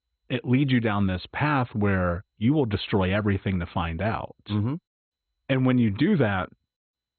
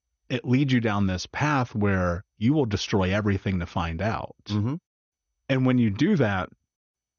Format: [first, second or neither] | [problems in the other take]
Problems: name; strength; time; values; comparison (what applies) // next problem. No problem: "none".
second | garbled, watery; badly; nothing above 4 kHz; slightly in the second